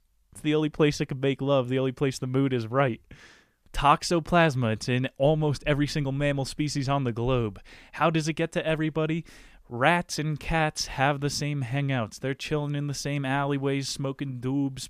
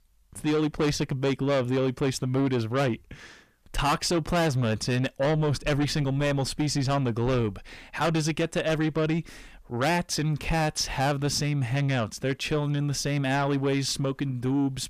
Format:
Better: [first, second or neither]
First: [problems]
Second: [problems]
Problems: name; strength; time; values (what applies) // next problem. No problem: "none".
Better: first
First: none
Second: distortion; heavy; 7 dB below the speech